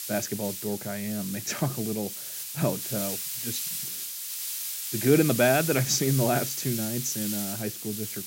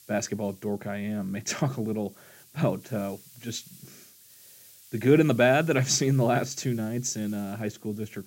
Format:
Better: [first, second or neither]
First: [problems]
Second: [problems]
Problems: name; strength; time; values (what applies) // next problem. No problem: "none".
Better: second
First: hiss; loud; throughout; 3 dB below the speech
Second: hiss; faint; throughout; 25 dB below the speech